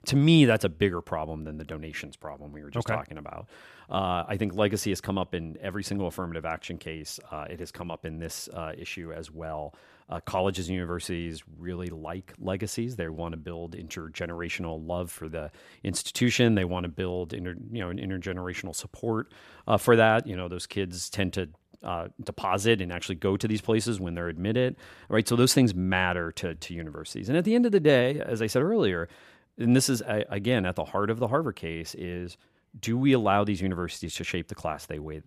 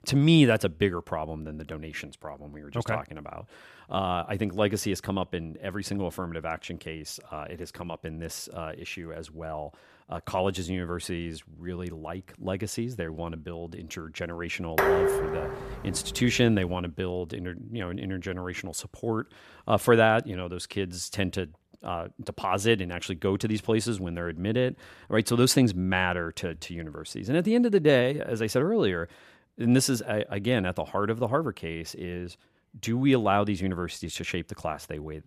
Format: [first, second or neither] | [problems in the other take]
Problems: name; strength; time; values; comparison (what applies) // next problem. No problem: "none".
first | clattering dishes; loud; from 15 to 16 s; peak 5 dB above the speech